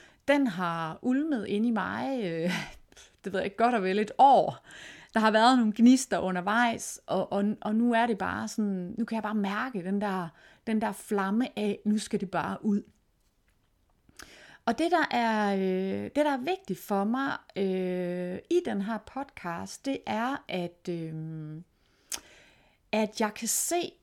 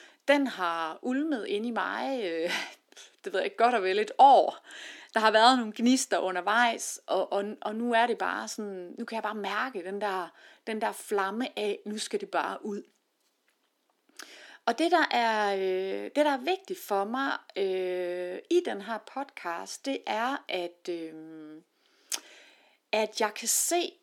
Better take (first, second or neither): first